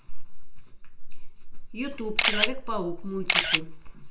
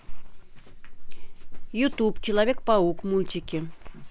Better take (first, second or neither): second